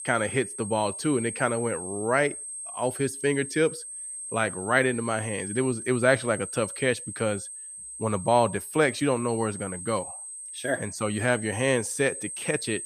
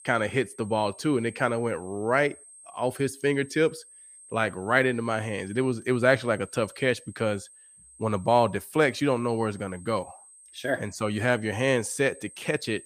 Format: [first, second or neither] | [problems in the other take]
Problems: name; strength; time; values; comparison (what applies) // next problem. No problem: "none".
second | high-pitched whine; loud; throughout; 8.5 kHz, 8 dB below the speech; faint in the second